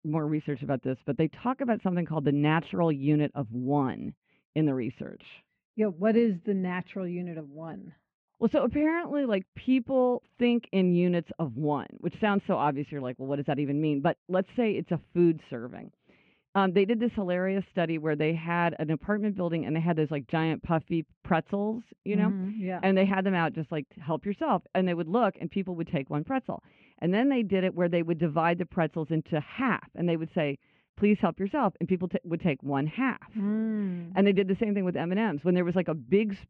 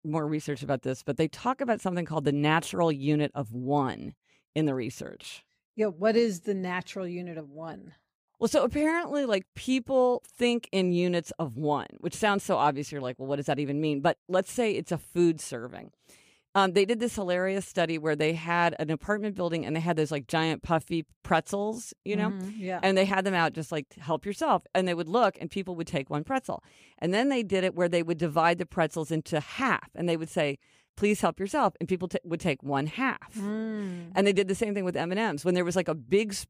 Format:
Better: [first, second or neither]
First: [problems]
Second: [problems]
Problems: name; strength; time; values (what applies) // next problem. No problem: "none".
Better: second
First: muffled; very; fading above 2.5 kHz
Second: none